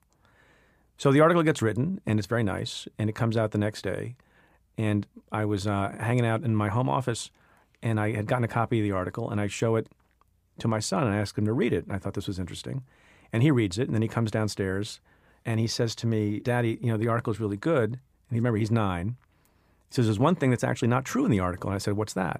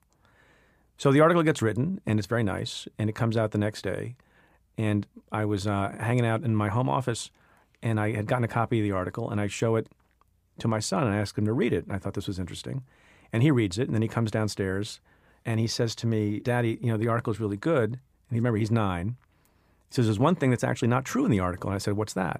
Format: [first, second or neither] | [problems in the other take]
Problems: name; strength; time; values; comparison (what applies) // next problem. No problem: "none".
neither | none